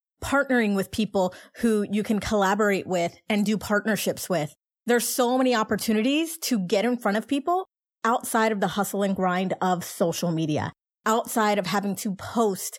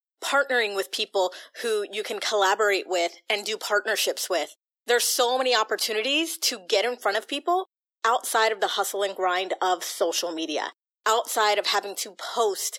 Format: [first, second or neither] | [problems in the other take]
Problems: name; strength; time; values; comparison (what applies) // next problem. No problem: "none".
first | thin; very; fading below 350 Hz